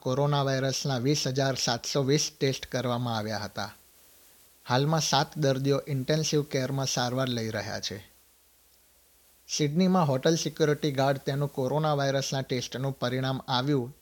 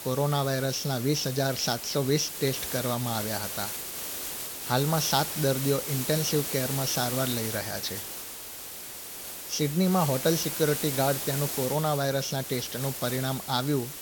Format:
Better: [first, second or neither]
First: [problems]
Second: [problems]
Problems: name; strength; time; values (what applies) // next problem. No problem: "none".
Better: first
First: hiss; faint; throughout; 25 dB below the speech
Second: hiss; loud; throughout; 5 dB below the speech